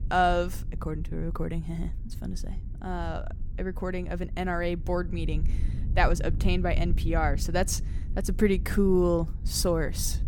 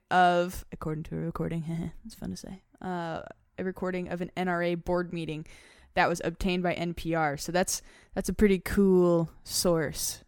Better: second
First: low rumble; noticeable; throughout; 20 dB below the speech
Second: none

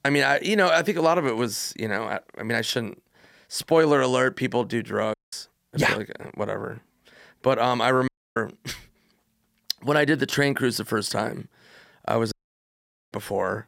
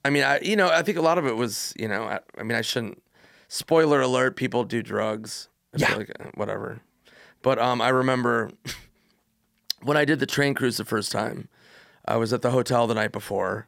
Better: second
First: audio cutting out; at 5 s, at 8 s and at 12 s for 1 s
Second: none

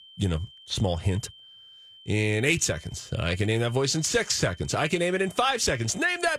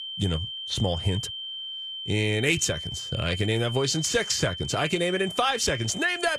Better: first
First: high-pitched whine; faint; throughout; 3 kHz, 20 dB below the speech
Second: high-pitched whine; loud; throughout; 3 kHz, 7 dB below the speech

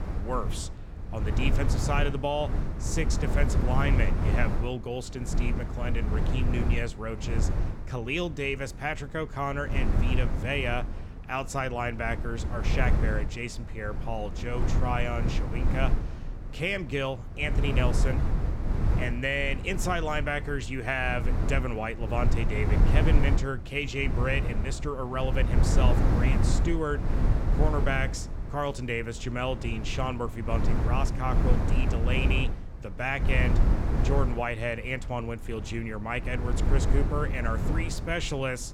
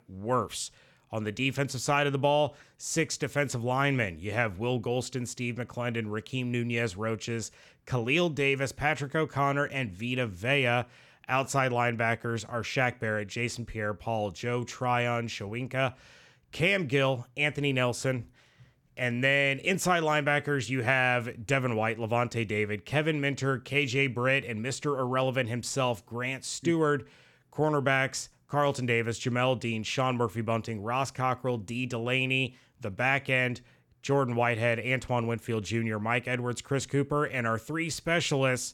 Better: second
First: wind noise on the microphone; heavy; 7 dB below the speech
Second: none

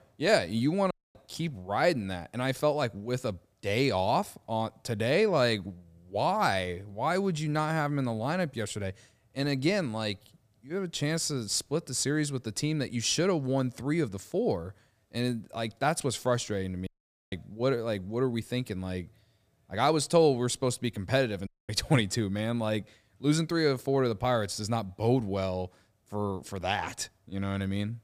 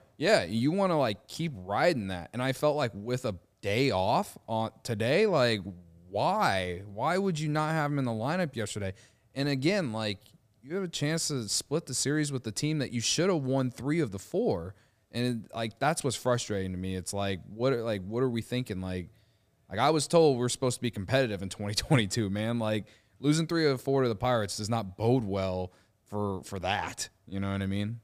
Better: second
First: audio cutting out; at 1 s, at 17 s and at 21 s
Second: none

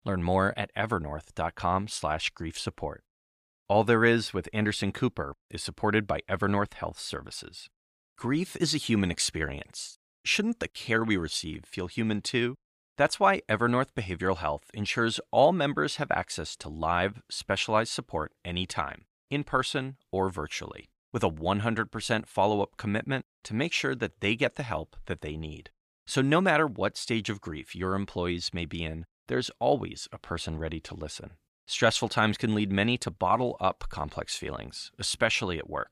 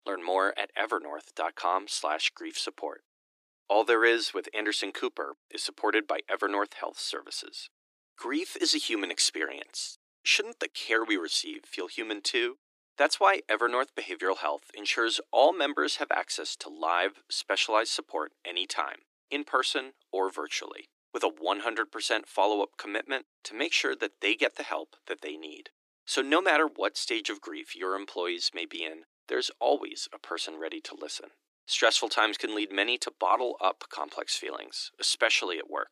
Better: first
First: none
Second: thin; somewhat; fading below 300 Hz

